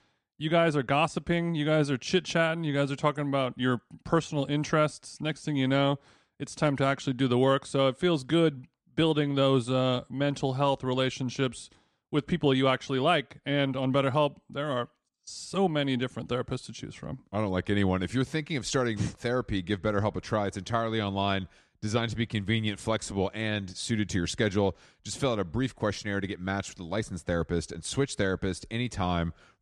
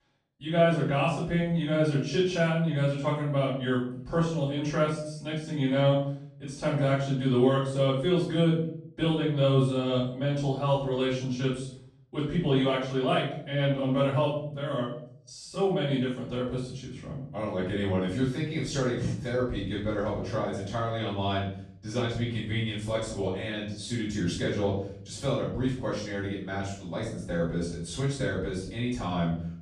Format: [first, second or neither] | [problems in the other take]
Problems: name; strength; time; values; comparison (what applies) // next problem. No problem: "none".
first | off-mic speech; far // room echo; noticeable; dies away in 0.6 s